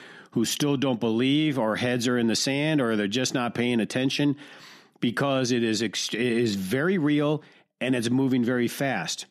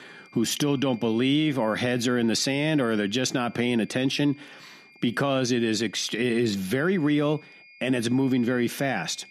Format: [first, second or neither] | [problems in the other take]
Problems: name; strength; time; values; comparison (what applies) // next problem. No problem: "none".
first | high-pitched whine; faint; throughout; 2.5 kHz, 25 dB below the speech